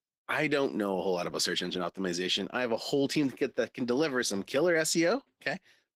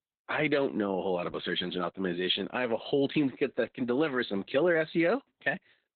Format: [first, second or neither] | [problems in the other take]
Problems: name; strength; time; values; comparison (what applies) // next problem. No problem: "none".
first | garbled, watery; badly; nothing above 3.5 kHz; slightly in the first